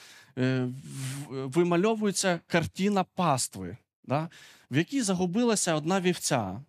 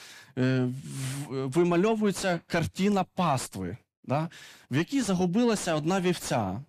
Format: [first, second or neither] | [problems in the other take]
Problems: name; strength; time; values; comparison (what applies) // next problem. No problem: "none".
first | distortion; slight; 10 dB below the speech